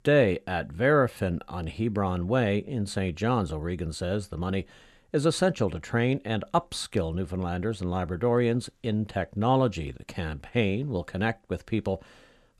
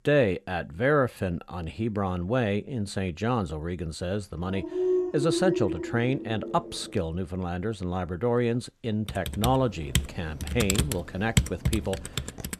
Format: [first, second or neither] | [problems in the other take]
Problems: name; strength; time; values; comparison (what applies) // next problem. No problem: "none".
first | dog barking; loud; from 4.5 to 7 s; peak 3 dB above the speech // keyboard typing; loud; from 9 s on; peak 3 dB above the speech